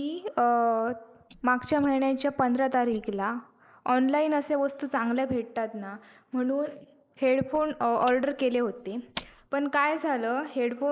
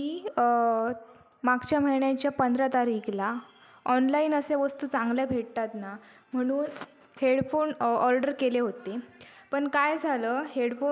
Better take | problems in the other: second | noise reduction (neural mask model Resemble Enhance denoiser)

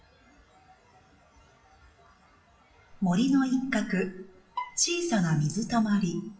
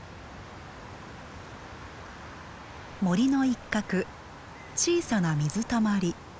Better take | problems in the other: second | noise reduction (classical method WPE with log-MMSE)

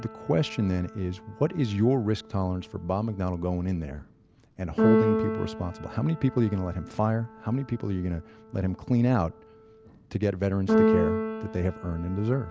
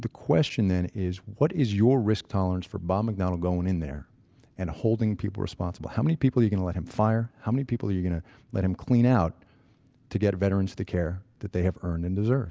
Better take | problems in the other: second | background sound (Keyboard (musical)); 3 dB below the speech

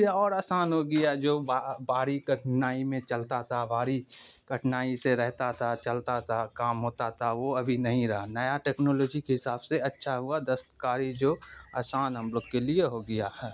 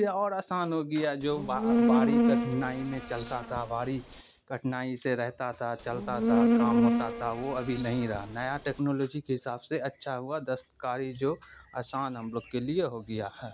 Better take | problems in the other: first | background sound (Insect); 4 dB above the speech

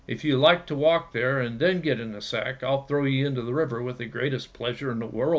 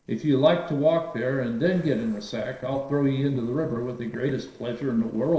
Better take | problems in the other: first | noise reduction (neural separator model SepFormer DNS4)

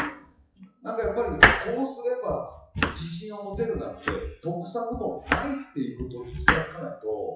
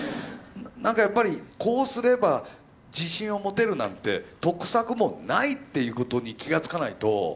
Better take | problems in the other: second | noise reduction (classical method WPE with log-MMSE)

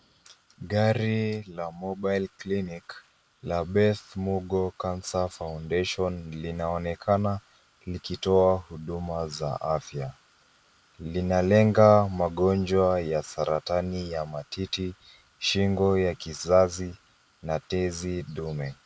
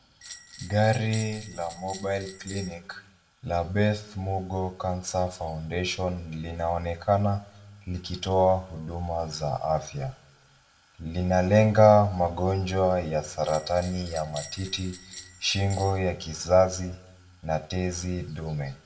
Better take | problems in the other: first | background sound (Bell); 17 dB below the speech // room echo; dies away in 0.4 s

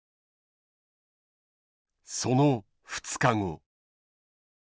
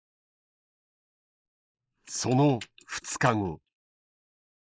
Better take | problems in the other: first | noise reduction (neural mask model Resemble Enhance denoiser)

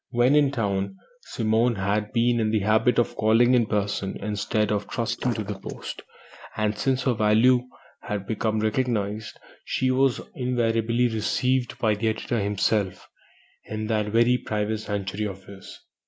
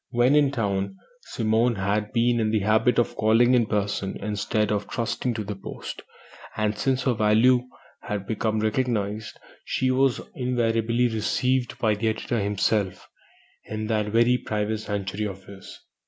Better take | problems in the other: second | noise reduction (neural mask model Resemble Enhance denoiser)

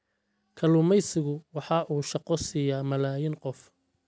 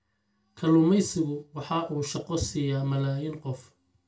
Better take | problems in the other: first | room echo; dies away in 0.2 s

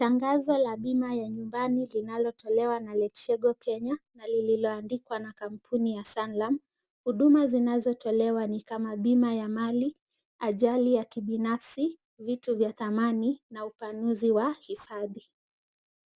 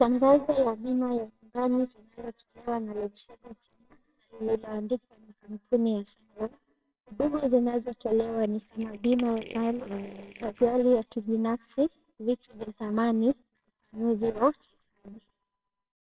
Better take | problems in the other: first | noise reduction (neural separator model SepFormer WHAMR!)

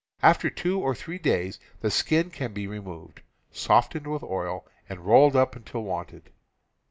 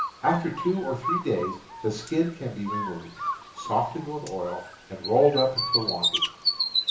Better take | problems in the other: first | background sound (Bird); 3 dB below the speech // room echo; dies away in 0.7 s

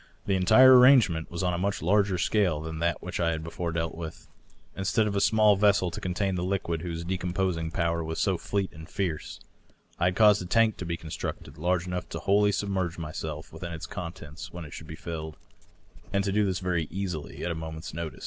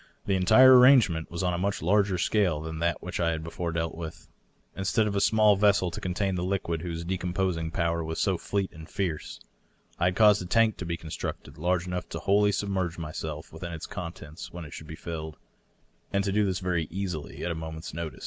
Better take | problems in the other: second | background sound (Dog); 17 dB below the speech

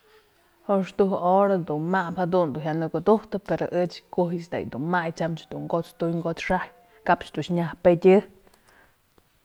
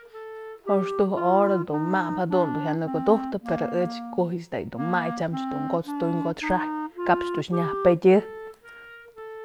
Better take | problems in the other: first | background sound (Wind instrument, woodwind instrument); 7 dB below the speech

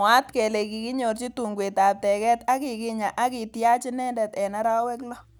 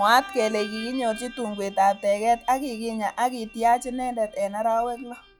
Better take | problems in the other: first | noise reduction (classical method log-MMSE)

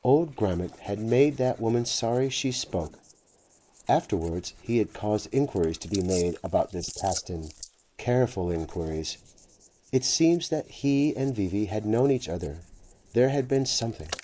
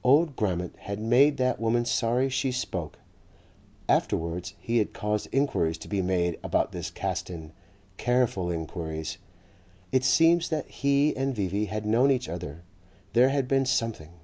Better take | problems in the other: second | noise reduction (neural mask model Resemble Enhance denoiser)

